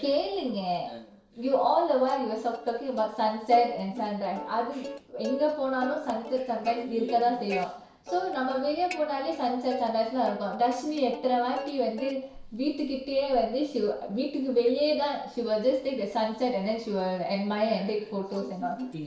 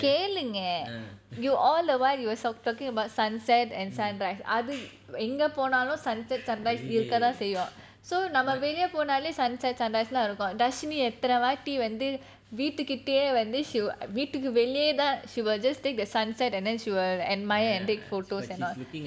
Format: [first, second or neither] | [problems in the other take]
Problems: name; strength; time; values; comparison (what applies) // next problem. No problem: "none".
second | noise reduction (neural separator model SepFormer DNS4)